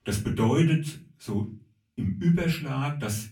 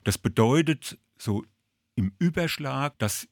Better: second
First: room echo; slight; dies away in 0.4 s // off-mic speech; far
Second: none

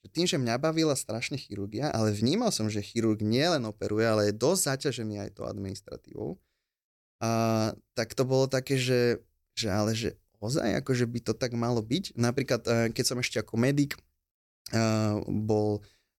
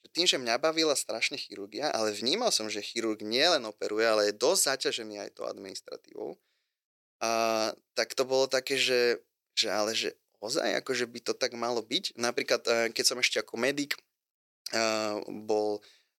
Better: first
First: none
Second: thin; somewhat; fading below 500 Hz

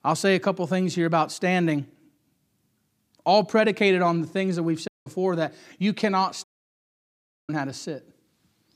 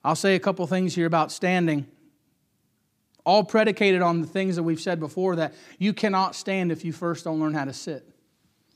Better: second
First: audio cutting out; at 5 s and at 6.5 s for 1 s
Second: none

